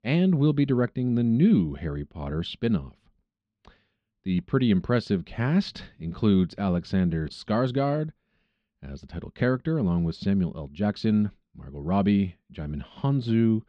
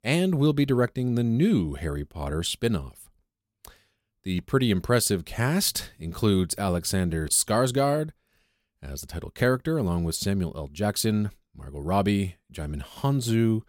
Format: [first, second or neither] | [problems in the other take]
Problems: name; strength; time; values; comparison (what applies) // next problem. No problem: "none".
second | muffled; slightly; fading above 4 kHz